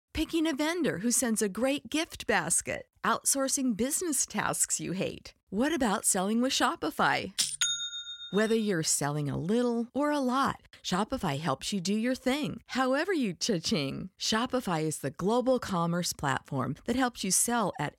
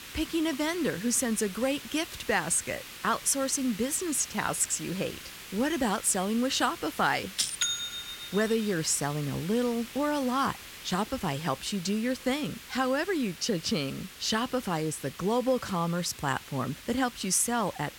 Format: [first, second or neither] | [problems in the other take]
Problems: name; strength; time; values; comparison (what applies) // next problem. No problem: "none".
first | hiss; noticeable; throughout; 15 dB below the speech